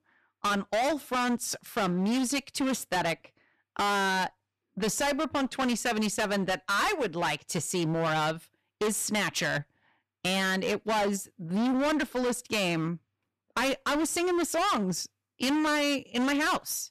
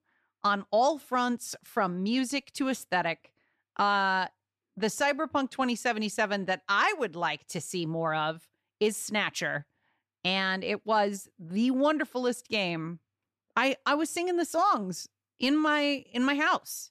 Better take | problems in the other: second | distortion; heavy; 24% of the sound clipped

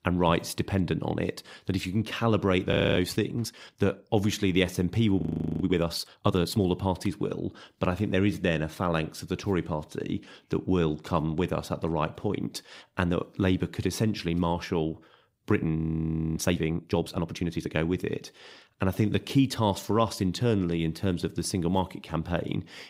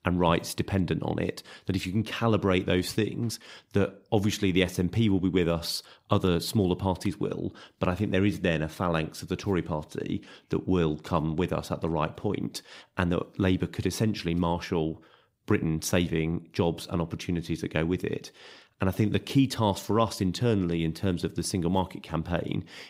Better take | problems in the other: second | audio freezing; at 2.5 s, at 5 s and at 16 s for 0.5 s

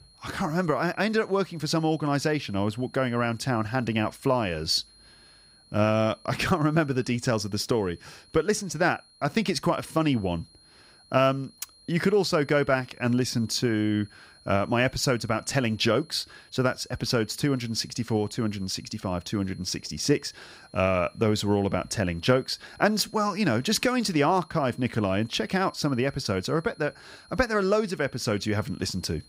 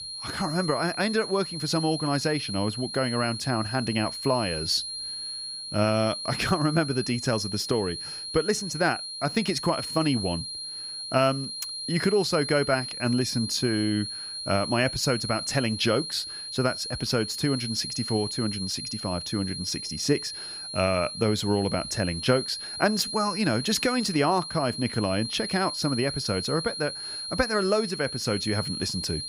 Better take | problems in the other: first | high-pitched whine; loud; throughout; 4 kHz, 6 dB below the speech; faint in the first

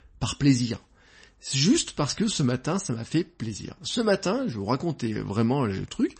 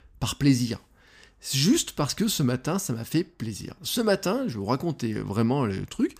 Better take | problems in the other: second | garbled, watery; slightly; nothing above 8 kHz

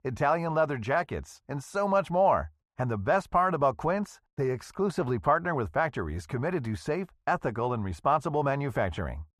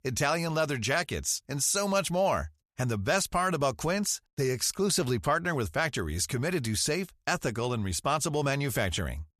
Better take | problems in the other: second | muffled; very; fading above 3 kHz

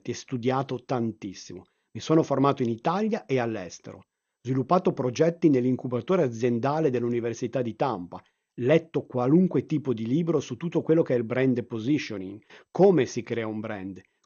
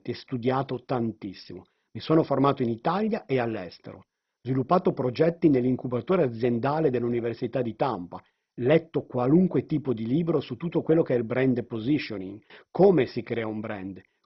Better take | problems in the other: first | garbled, watery; badly; nothing above 5.5 kHz; slightly in the first

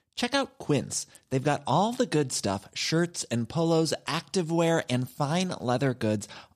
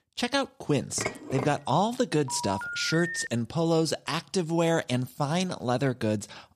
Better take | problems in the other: first | clattering dishes; noticeable; at 1 s; peak 6 dB below the speech // phone ringing; noticeable; at 2.5 s; peak 4 dB below the speech

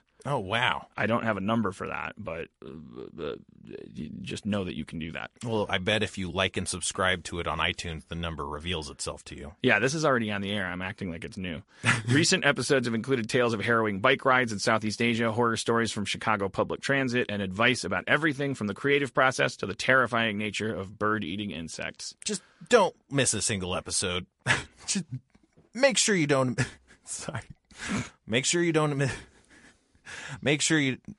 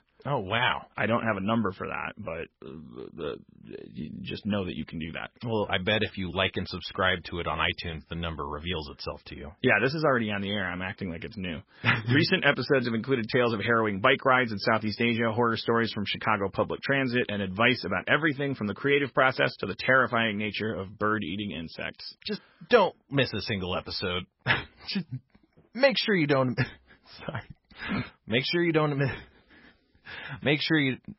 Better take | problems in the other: first | garbled, watery; badly; nothing above 5.5 kHz; slightly in the first

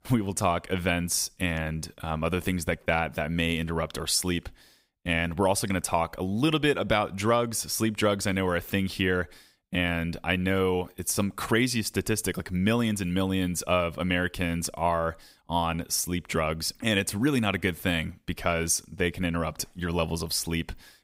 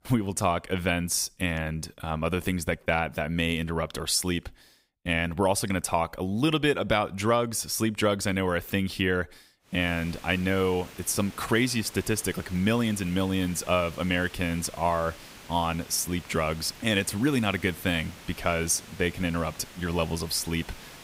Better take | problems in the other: first | hiss; noticeable; from 10 s on; 20 dB below the speech

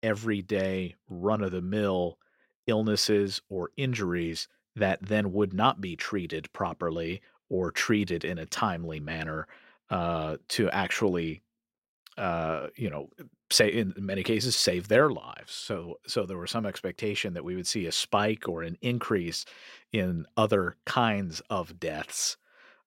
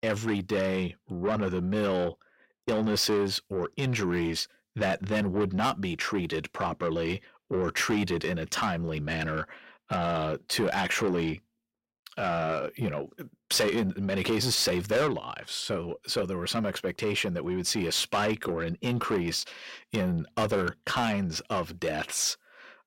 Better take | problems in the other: first | distortion; heavy; 7 dB below the speech

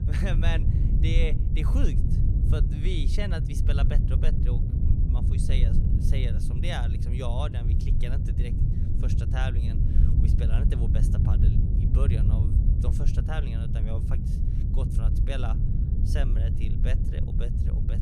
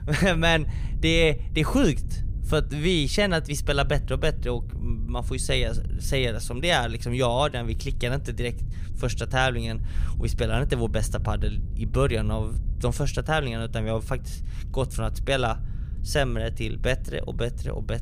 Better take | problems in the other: second | low rumble; loud; throughout; 2 dB below the speech; faint in the second

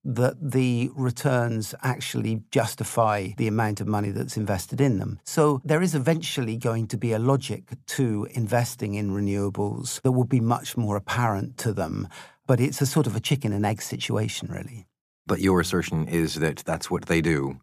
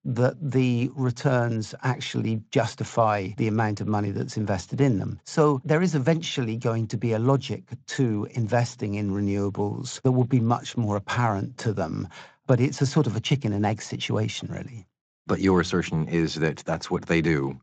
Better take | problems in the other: first | garbled, watery; slightly; nothing above 7.5 kHz

